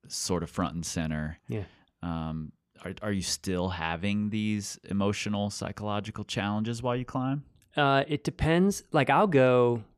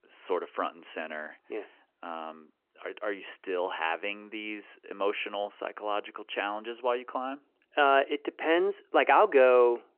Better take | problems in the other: first | phone-call audio; nothing above 3 kHz

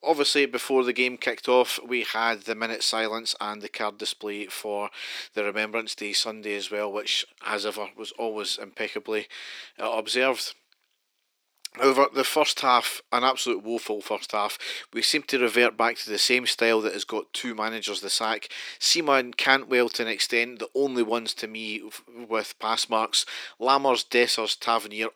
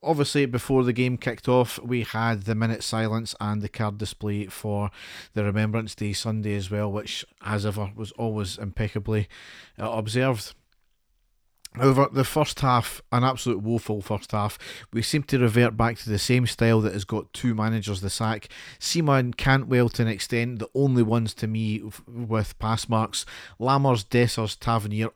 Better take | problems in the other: second | thin; somewhat; fading below 300 Hz

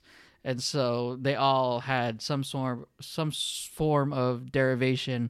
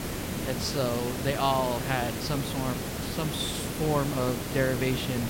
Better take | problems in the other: first | hiss; loud; throughout; 3 dB below the speech

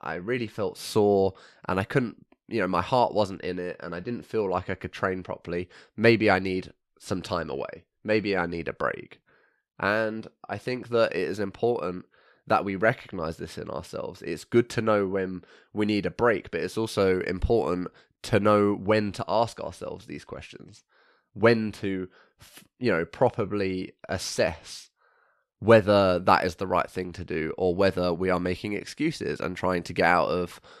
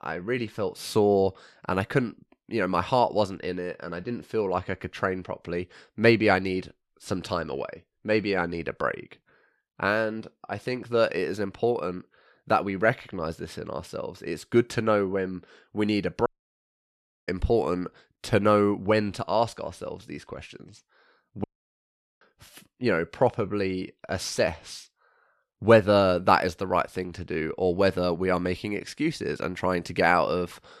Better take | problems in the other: first | audio cutting out; at 16 s for 1 s and at 21 s for 1 s

